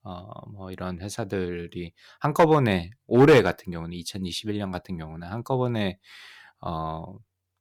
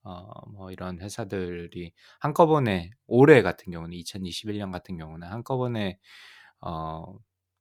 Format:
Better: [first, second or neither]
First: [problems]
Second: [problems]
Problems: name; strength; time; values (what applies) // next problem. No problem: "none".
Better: second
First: distortion; slight; 1.1% of the sound clipped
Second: none